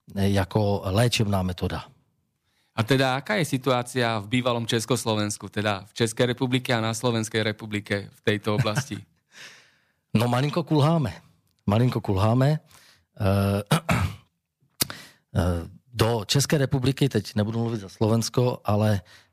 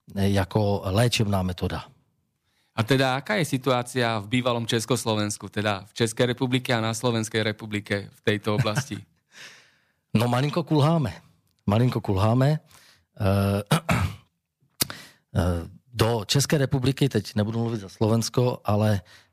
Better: neither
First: none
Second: none

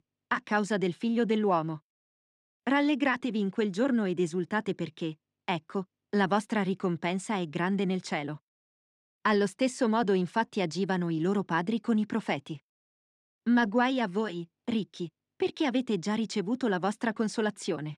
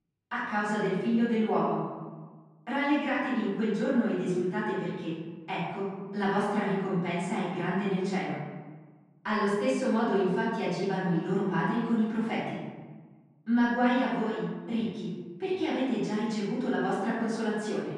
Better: first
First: none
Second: off-mic speech; far // room echo; strong; dies away in 1.2 s

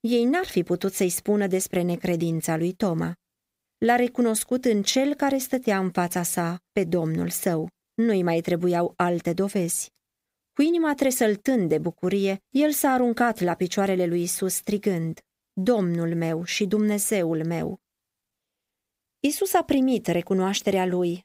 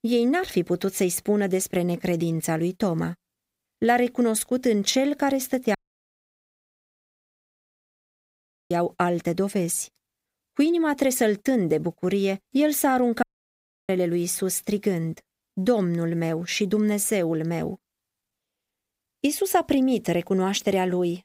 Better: first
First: none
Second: audio cutting out; at 6 s for 3 s and at 13 s for 0.5 s

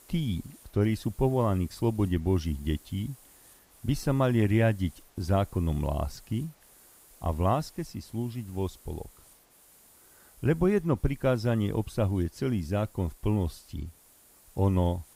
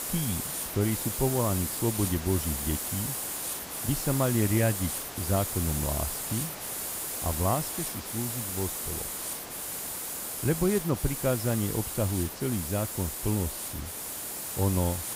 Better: first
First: hiss; faint; throughout; 25 dB below the speech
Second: hiss; loud; throughout; 2 dB below the speech

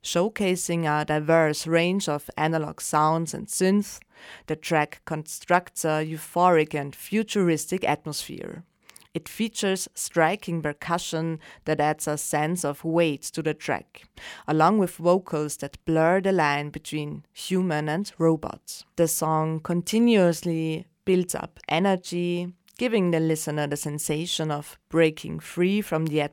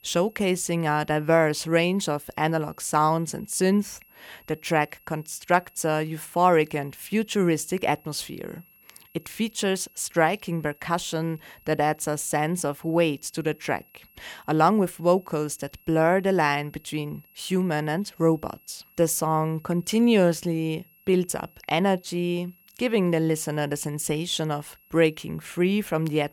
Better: first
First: none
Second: high-pitched whine; faint; throughout; 11.5 kHz, 30 dB below the speech

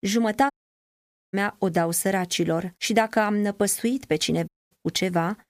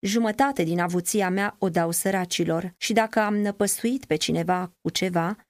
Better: second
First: audio cutting out; at 0.5 s for 1 s and at 4.5 s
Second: none

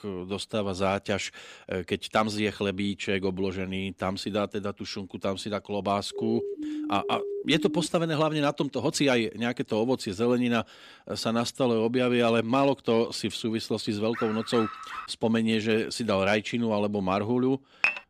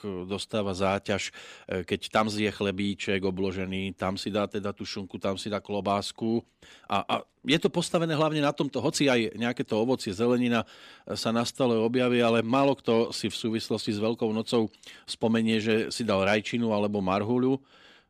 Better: second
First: siren; noticeable; from 6 to 8 s; peak 5 dB below the speech // dog barking; noticeable; at 14 s; peak 8 dB below the speech // clattering dishes; loud; at 18 s; peak 1 dB above the speech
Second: none

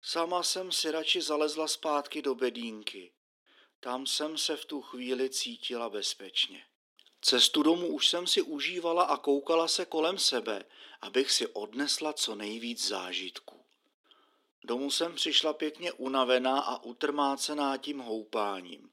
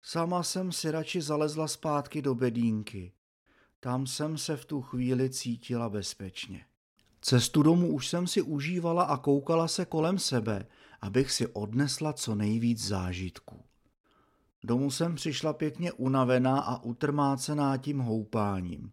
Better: second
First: thin; somewhat; fading below 300 Hz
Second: none

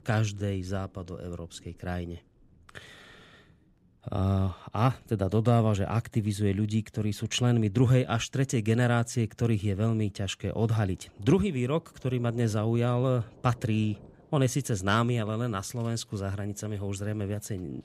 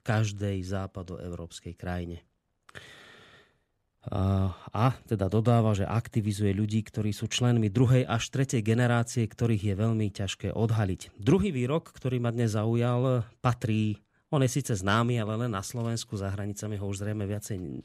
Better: second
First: rain or running water; faint; throughout; 30 dB below the speech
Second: none

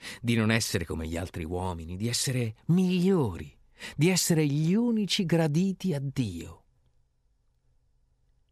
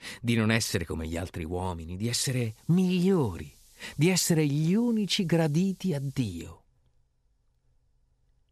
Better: first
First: none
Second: hiss; very faint; from 2 to 6.5 s; 30 dB below the speech

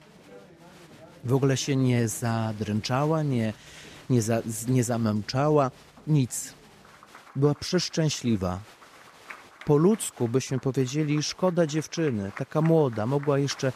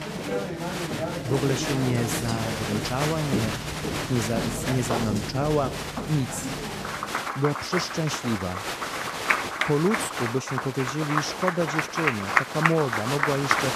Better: first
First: crowd noise; faint; throughout; 20 dB below the speech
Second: crowd noise; loud; throughout; as loud as the speech

